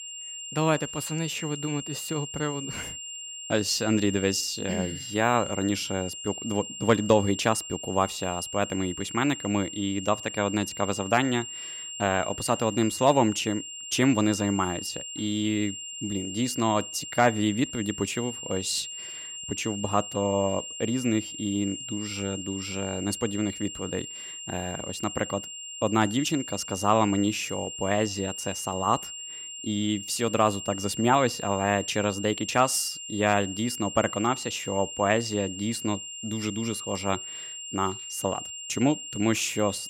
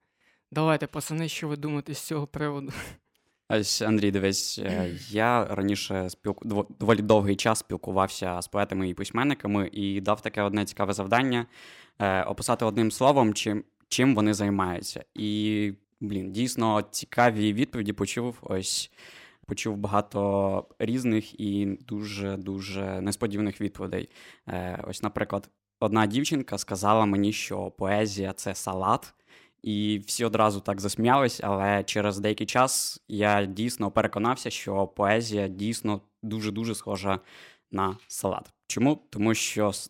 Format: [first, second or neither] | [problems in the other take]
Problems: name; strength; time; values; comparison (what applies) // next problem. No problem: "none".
second | high-pitched whine; loud; throughout; 3 kHz, 8 dB below the speech